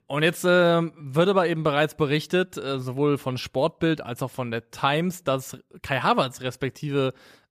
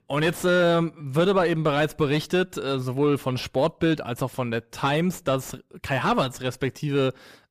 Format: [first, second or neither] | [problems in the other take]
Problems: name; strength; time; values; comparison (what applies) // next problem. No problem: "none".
first | distortion; slight; 10 dB below the speech